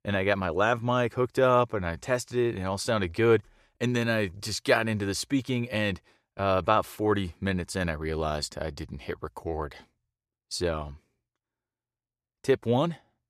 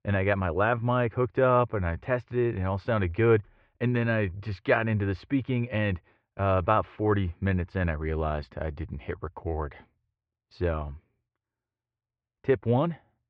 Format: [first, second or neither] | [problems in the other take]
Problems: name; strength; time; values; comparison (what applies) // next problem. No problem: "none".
first | muffled; very; fading above 2.5 kHz